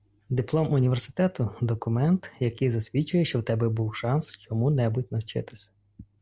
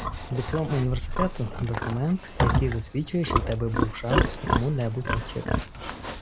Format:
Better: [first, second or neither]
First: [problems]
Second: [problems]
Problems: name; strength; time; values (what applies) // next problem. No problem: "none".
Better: first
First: none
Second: background sound (Livestock, farm animals, working animals); 1 dB above the speech